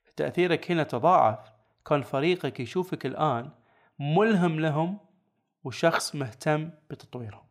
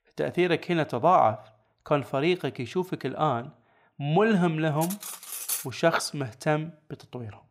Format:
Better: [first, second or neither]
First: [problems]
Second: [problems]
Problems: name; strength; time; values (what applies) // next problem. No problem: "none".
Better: first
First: none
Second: clattering dishes; noticeable; at 5 s; peak 4 dB below the speech